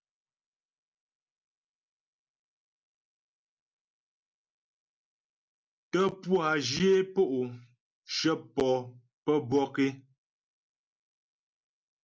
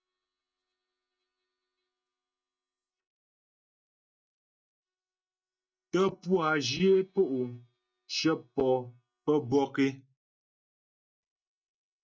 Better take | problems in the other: first | noise reduction (neural mask model DeepFilterNet 3)

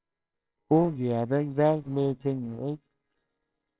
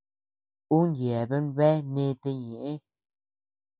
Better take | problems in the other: second | noise reduction (neural separator model SepFormer WHAMR!)

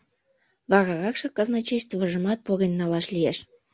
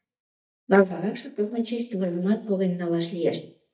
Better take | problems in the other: first | noise reduction (neural mask model DeepFilterNet 3)

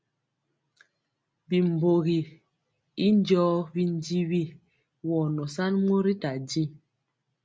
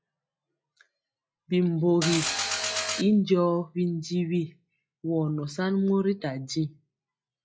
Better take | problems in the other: first | noise reduction (classical method log-MMSE)

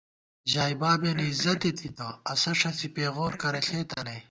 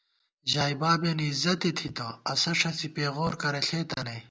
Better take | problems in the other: second | noise reduction (neural mask model DeepFilterNet 3)

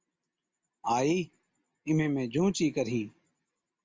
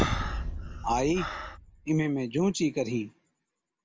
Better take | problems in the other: first | background sound (Boom + Breathing); 5 dB below the speech

